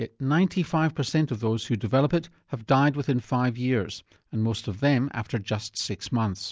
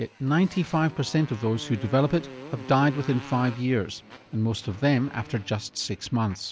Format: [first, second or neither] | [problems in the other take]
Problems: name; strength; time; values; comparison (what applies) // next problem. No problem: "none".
first | background sound (Motorcycle); 18 dB below the speech